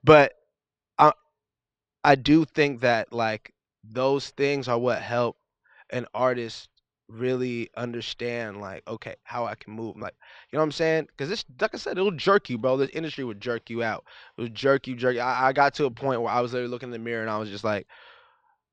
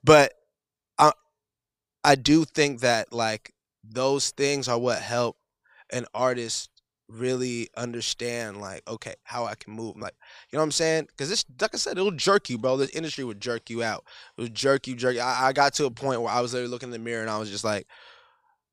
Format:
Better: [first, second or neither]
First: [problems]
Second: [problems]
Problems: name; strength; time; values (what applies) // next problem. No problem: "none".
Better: second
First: muffled; slightly; fading above 3.5 kHz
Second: none